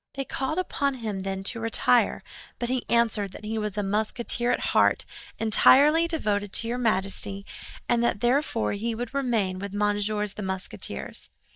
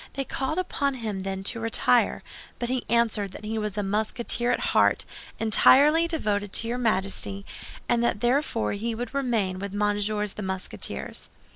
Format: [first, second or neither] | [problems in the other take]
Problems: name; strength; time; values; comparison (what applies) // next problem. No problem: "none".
second | noise reduction (neural mask model DeepFilterNet 3)